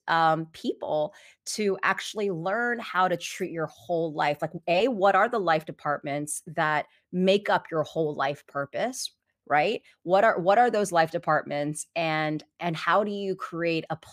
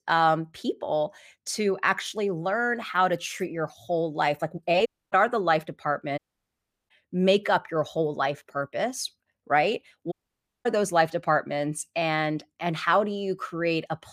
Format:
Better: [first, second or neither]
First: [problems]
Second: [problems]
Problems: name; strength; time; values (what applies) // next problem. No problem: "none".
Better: first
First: none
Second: audio cutting out; at 5 s, at 6 s for 0.5 s and at 10 s for 0.5 s